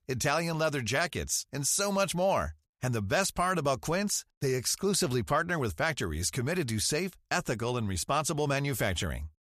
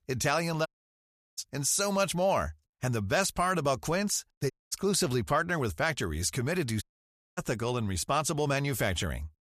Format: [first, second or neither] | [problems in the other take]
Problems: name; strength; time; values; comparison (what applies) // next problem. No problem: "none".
first | audio cutting out; at 0.5 s for 0.5 s, at 4.5 s and at 7 s for 0.5 s